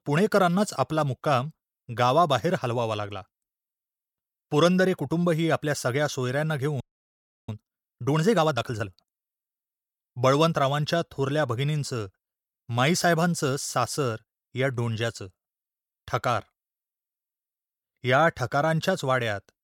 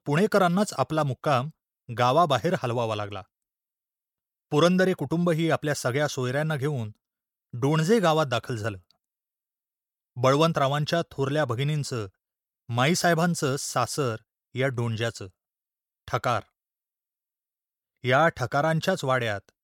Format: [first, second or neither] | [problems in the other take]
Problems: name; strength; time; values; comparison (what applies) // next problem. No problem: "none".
second | audio freezing; at 7 s for 0.5 s